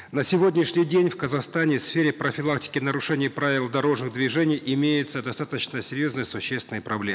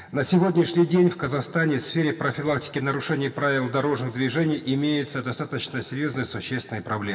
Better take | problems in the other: first | room echo; dies away in 2.1 s

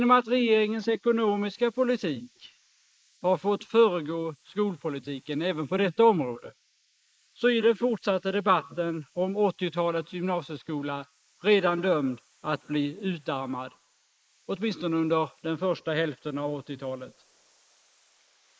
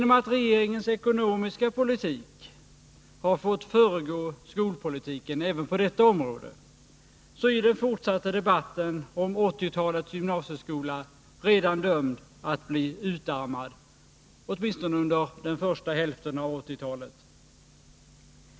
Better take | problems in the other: second | noise reduction (neural mask model Resemble Enhance denoiser)

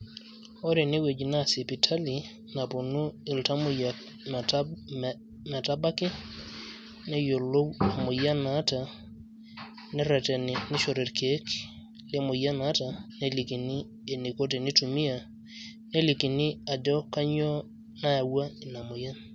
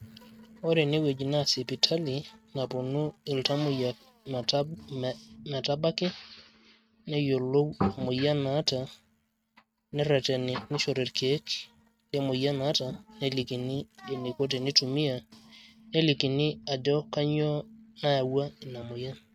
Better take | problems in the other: first | noise reduction (neural mask model RNNoise)

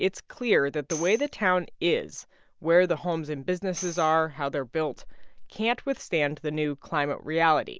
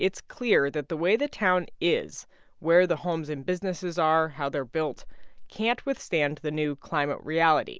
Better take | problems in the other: second | noise reduction (neural mask model DeepFilterNet 3)

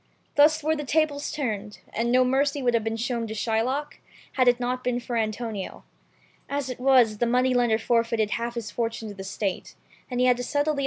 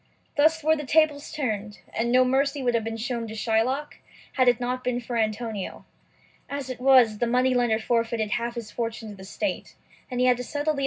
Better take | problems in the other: first | room echo; dies away in 0.4 s

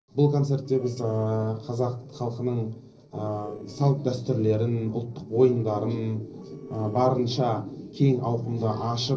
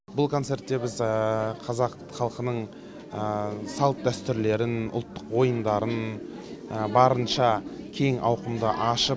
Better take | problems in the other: second | noise reduction (neural separator model SepFormer DNS4)

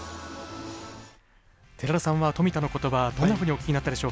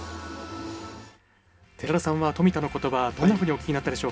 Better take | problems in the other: first | room echo; dies away in 0.3 s

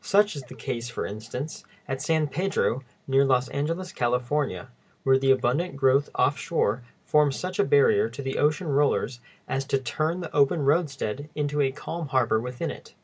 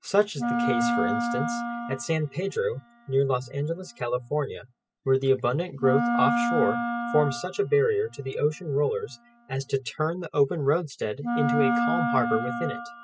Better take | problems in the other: first | noise reduction (classical method spectral subtraction)

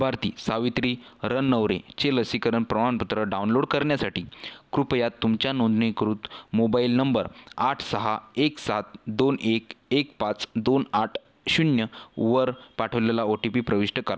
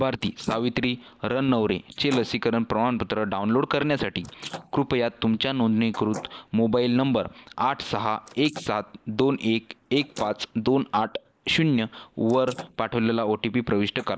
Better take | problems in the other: first | noise reduction (neural mask model Resemble Enhance denoiser)

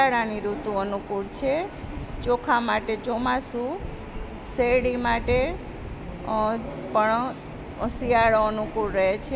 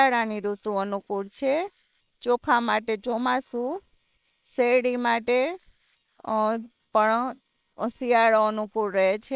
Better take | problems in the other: first | noise reduction (neural separator model SepFormer WHAM!)

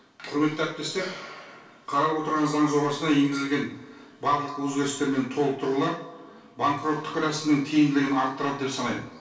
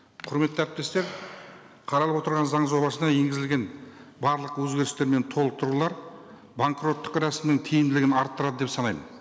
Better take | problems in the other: second | room echo; dies away in 0.3 s

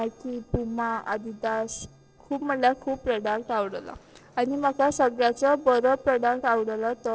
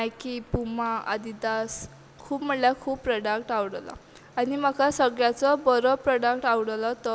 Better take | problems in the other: second | noise reduction (neural separator model SepFormer DNS4)

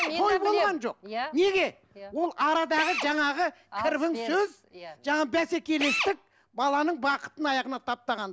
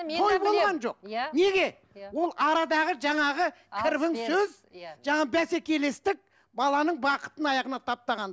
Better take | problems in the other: second | background sound (Drill); 12 dB below the speech

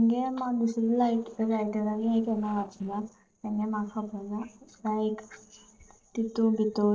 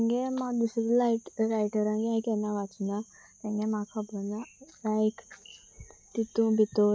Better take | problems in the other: second | noise reduction (neural separator model SepFormer DNS4)

